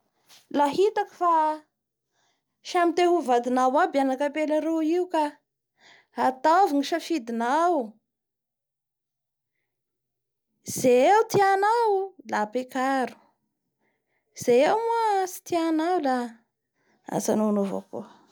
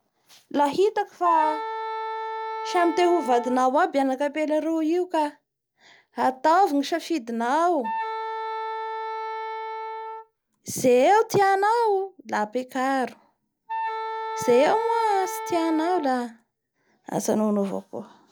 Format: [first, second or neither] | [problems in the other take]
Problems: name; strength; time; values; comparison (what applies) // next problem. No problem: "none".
first | background sound (Wind instrument, woodwind instrument); 8 dB below the speech